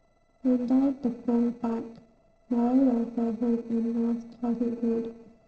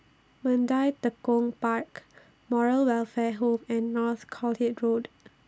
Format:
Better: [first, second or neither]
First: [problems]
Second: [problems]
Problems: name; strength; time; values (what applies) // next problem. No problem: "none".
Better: second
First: noise reduction (neural separator model SepFormer DNS4)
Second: none